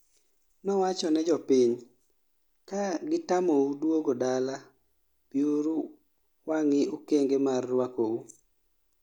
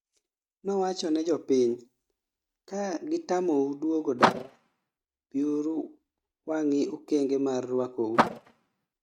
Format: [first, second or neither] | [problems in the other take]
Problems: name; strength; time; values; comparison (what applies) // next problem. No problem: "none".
first | noise reduction (neural mask model RNNoise)